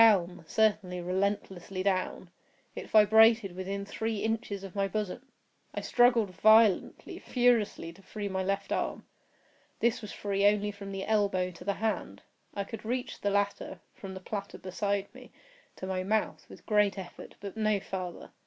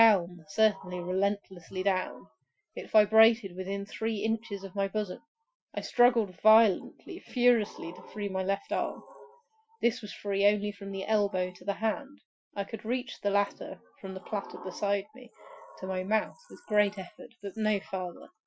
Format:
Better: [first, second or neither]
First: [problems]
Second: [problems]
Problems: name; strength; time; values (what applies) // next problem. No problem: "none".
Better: first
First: none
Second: noise reduction (classical method Wiener filter)